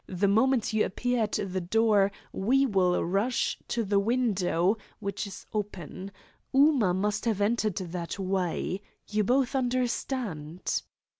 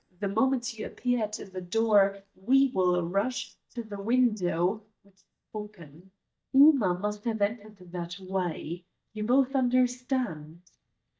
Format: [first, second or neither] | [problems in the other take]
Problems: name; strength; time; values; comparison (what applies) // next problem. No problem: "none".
first | noise reduction (neural mask model DeepFilterNet 3)